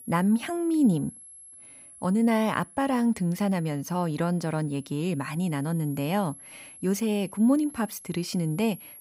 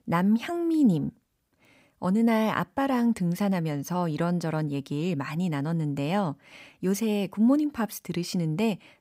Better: second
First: high-pitched whine; noticeable; throughout; 11 kHz, 20 dB below the speech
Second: none

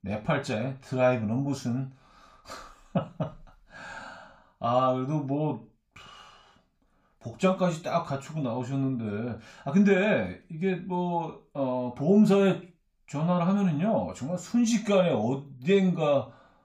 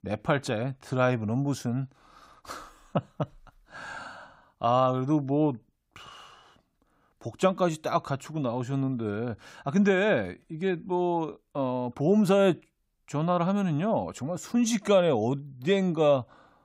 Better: second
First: room echo; slight; dies away in 0.3 s // off-mic speech; far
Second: none

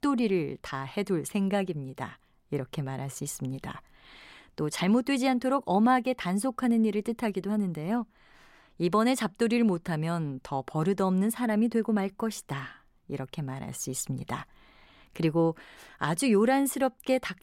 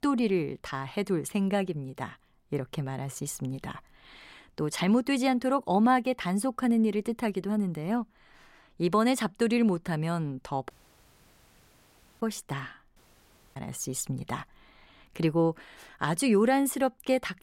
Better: first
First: none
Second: audio cutting out; at 11 s for 1.5 s and at 13 s for 0.5 s

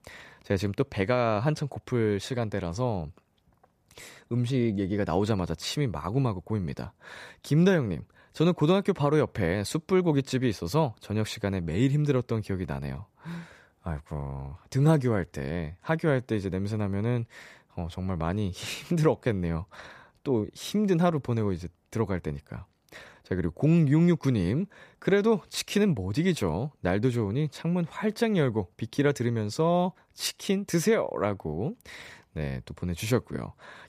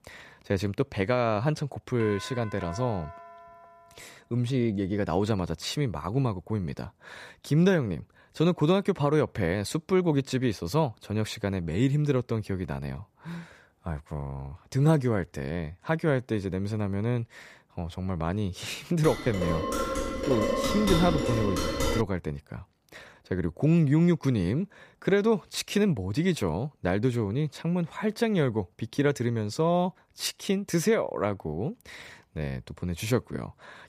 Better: first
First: none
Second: doorbell; faint; from 2 to 4 s; peak 15 dB below the speech // clattering dishes; loud; from 19 to 22 s; peak 1 dB above the speech

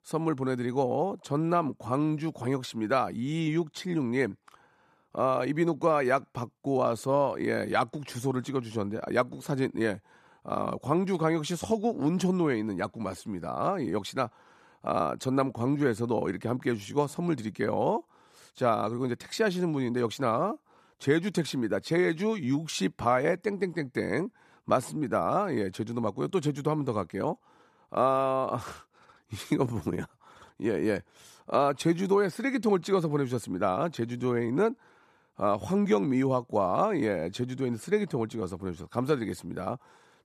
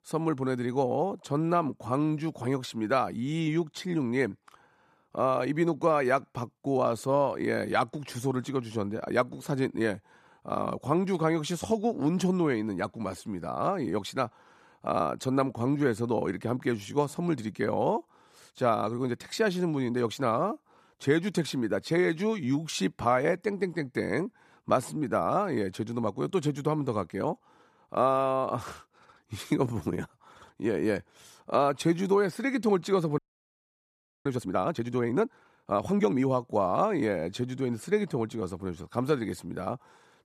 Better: first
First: none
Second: audio freezing; at 33 s for 1 s

